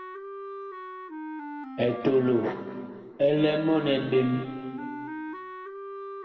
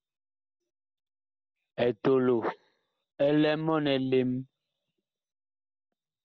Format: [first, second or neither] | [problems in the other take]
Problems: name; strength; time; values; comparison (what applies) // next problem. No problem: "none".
second | background sound (Wind instrument, woodwind instrument); 11 dB below the speech // room echo; dies away in 2.1 s